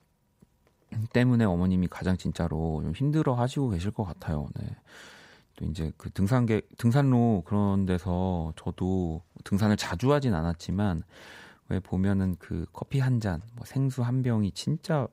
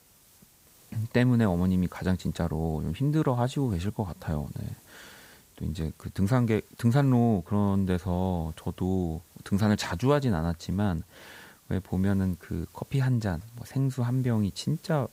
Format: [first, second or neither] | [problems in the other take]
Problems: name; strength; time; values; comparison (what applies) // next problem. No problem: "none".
first | hiss; faint; throughout; 25 dB below the speech